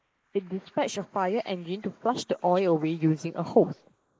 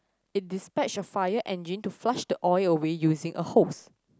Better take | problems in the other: second | noise reduction (neural mask model Resemble Enhance denoiser)

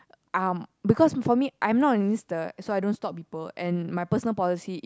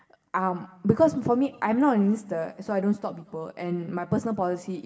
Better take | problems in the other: first | room echo; dies away in 2.4 s

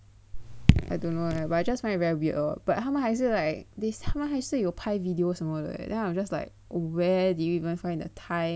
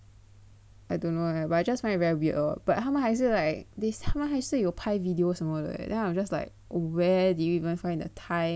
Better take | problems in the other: second | background sound (Raindrop / Drip); 2 dB above the speech

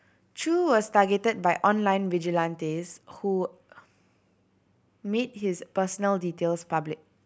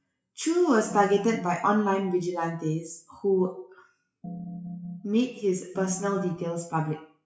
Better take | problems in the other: first | noise reduction (classical method WPE with log-MMSE)

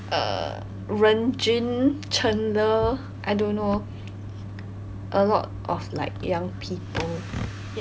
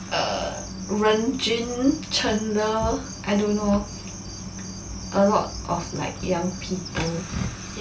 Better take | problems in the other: first | background sound (Cricket); 16 dB below the speech // room echo; dies away in 0.3 s

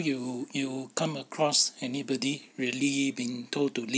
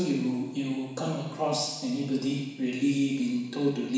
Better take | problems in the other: first | room echo; dies away in 1.1 s

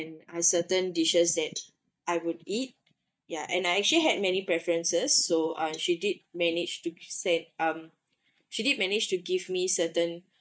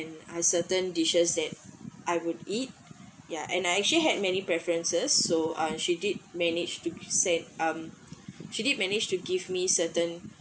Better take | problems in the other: second | noise reduction (neural mask model DeepFilterNet 3)

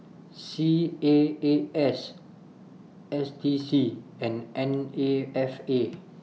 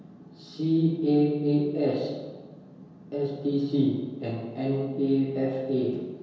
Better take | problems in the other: first | room echo; dies away in 1.2 s

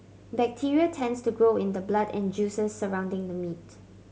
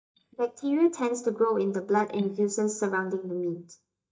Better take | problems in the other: first | noise reduction (neural mask model DeepFilterNet 3)

